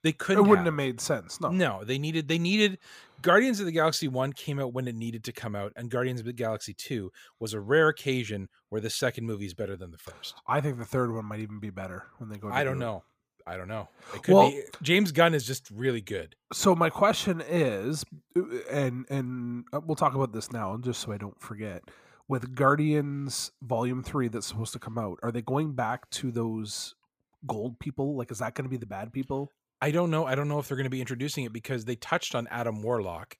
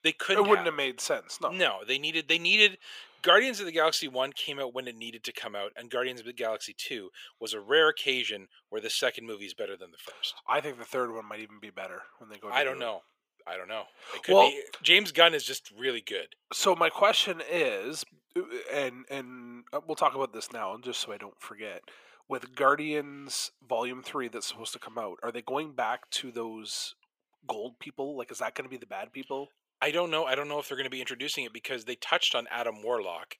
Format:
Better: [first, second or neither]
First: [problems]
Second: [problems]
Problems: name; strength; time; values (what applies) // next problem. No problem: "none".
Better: first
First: none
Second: thin; somewhat; fading below 500 Hz